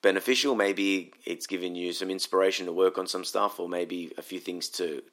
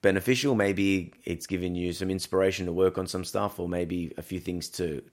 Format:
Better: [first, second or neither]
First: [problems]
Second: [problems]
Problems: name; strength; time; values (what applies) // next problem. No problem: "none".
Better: second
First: thin; very slightly; fading below 250 Hz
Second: none